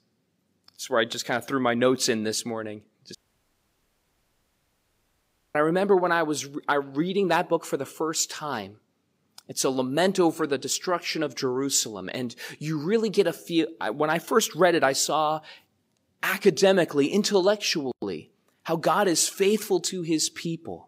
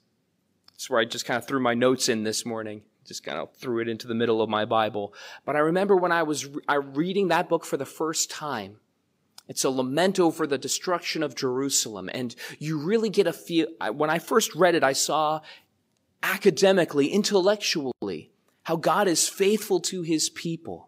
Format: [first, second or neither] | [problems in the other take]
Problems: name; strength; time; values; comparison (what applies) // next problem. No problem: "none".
second | audio cutting out; at 3 s for 2.5 s